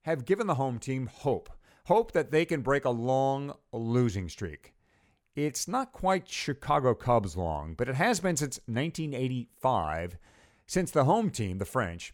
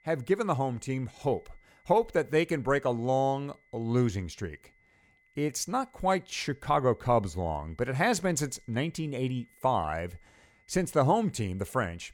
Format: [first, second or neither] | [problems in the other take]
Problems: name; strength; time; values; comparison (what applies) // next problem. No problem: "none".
first | high-pitched whine; faint; throughout; 2 kHz, 35 dB below the speech